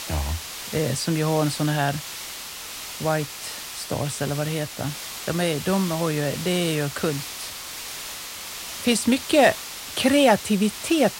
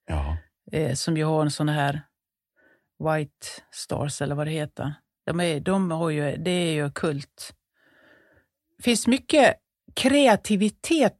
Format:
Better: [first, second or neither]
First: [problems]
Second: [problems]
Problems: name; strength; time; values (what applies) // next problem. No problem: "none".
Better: second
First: hiss; loud; throughout; 9 dB below the speech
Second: none